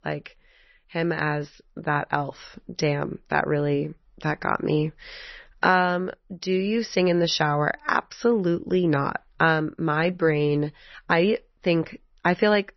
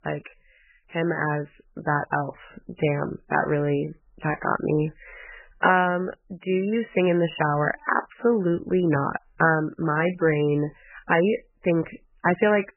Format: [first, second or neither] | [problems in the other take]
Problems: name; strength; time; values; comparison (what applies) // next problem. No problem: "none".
first | garbled, watery; badly; nothing above 3 kHz; slightly in the first